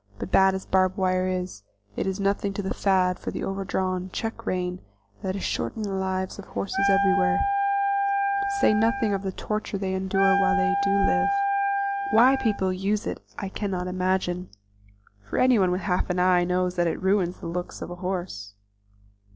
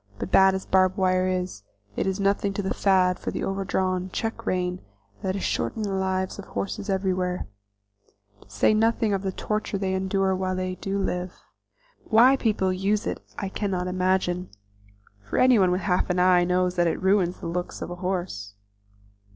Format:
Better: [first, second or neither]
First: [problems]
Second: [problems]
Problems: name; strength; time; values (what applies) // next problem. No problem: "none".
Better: second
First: background sound (Wind instrument, woodwind instrument); as loud as the speech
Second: none